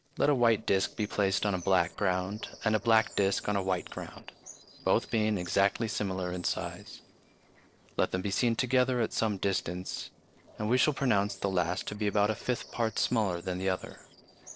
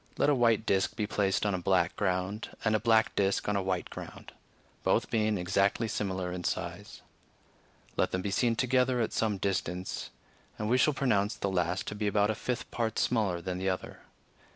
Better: second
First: noise reduction (neural separator model SepFormer DNS4)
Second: none

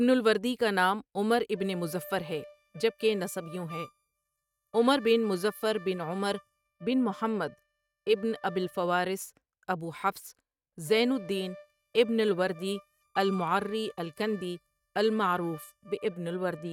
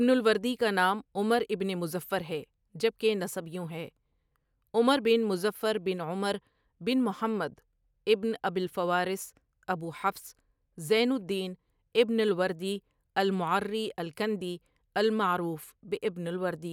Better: second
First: noise reduction (neural mask model RNNoise)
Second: none

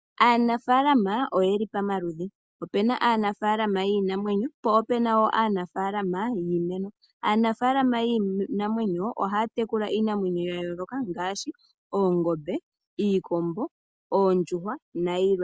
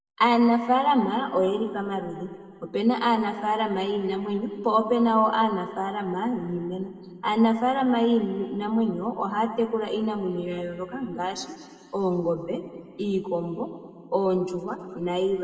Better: first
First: none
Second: room echo; dies away in 1.8 s

